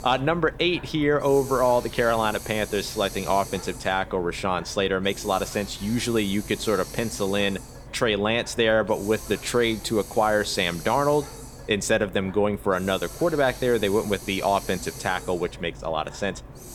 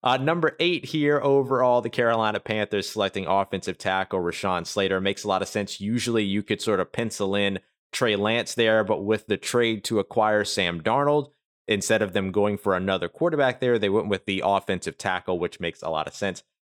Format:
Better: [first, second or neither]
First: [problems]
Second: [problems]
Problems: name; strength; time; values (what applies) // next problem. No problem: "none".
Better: second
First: hiss; noticeable; throughout; 15 dB below the speech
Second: none